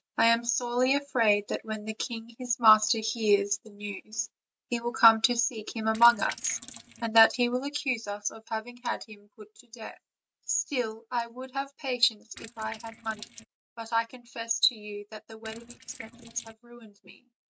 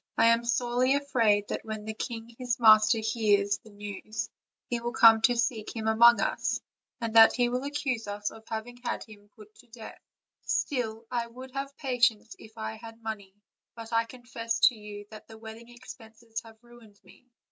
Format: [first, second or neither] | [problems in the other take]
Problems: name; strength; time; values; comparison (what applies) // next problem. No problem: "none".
second | noise reduction (neural mask model RNNoise)